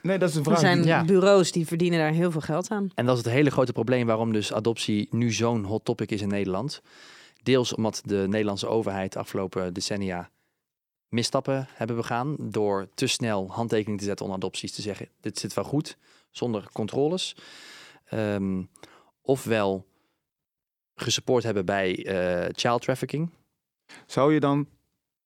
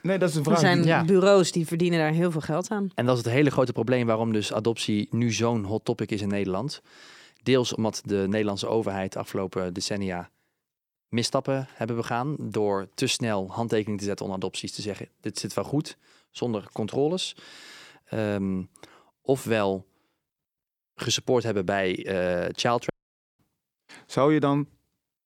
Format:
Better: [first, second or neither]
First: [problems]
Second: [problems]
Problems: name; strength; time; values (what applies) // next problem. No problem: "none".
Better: first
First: none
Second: audio cutting out; at 23 s